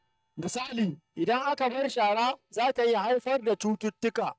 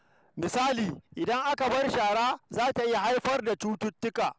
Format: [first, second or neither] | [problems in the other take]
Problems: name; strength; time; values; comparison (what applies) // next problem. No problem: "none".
second | noise reduction (neural mask model DeepFilterNet 3)